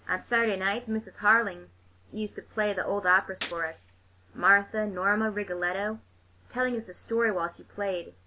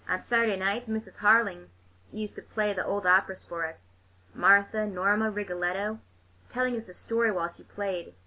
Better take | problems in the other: second | background sound (Gunshot, gunfire); 17 dB below the speech

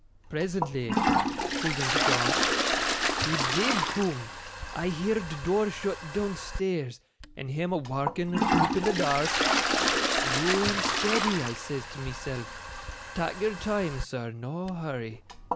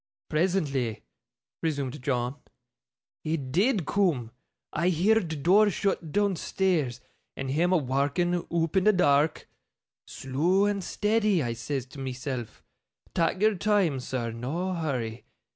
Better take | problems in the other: second | background sound (Toilet flush); 1 dB above the speech

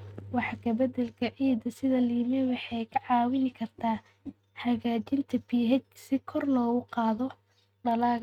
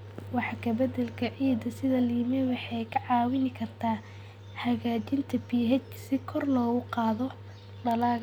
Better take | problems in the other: second | noise reduction (neural mask model RNNoise)

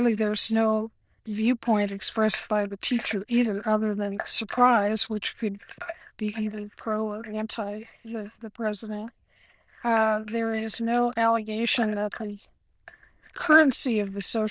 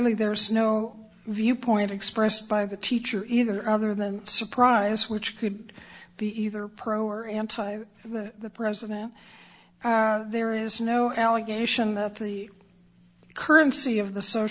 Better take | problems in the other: second | noise reduction (neural diffusion model UNIVERSE++)

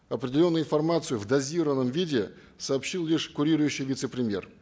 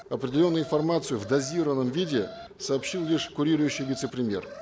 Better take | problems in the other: first | background sound (Alarm); 15 dB below the speech

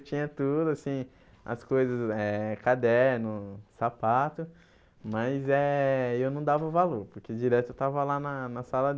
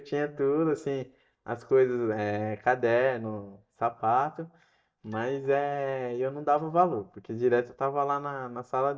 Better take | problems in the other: first | noise reduction (neural mask model DeepFilterNet 3)

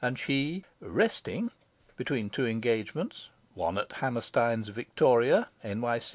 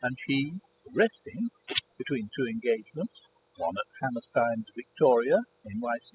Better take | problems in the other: first | noise reduction (classical method spectral subtraction)

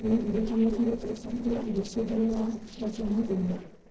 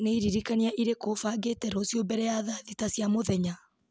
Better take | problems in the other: second | noise reduction (neural separator model SepFormer DNS4)

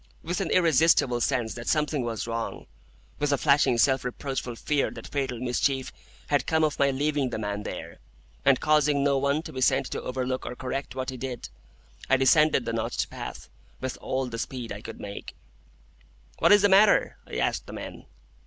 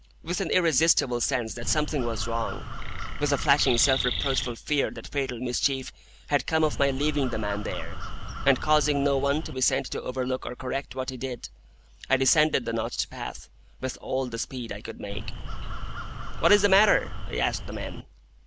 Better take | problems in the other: first | background sound (Chirp, tweet + Crow); 3 dB below the speech

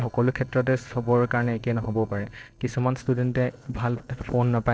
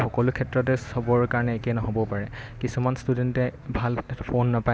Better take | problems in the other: second | noise reduction (neural separator model SepFormer DNS4)

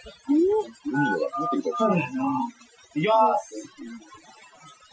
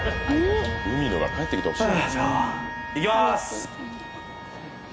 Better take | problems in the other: second | noise reduction (classical method Wiener filter)

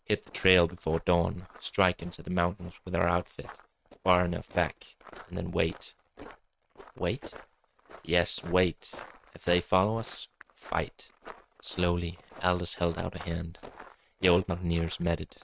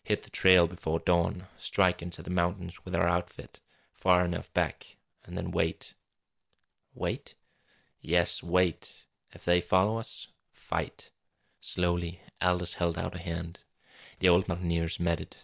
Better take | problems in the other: second | noise reduction (neural mask model RNNoise)

